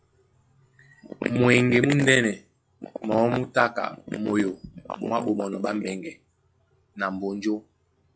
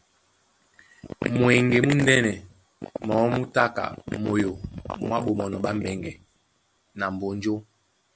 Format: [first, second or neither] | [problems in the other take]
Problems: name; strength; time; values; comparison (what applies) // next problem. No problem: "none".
second | noise reduction (classical method log-MMSE)